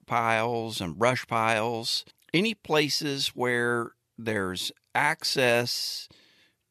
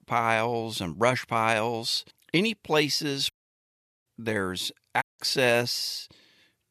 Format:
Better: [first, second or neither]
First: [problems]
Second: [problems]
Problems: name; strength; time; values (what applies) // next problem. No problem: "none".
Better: first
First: none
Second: audio cutting out; at 3.5 s for 1 s and at 5 s